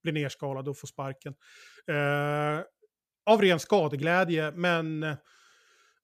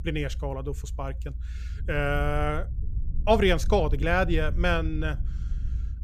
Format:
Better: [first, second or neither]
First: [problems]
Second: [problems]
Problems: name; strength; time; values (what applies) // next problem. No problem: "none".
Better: first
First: none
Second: low rumble; faint; throughout; 25 dB below the speech